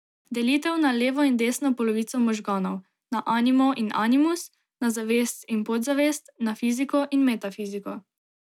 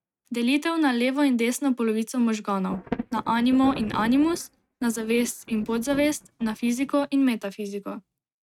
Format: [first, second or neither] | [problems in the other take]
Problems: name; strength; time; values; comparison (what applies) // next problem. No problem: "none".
first | noise reduction (neural mask model RNNoise)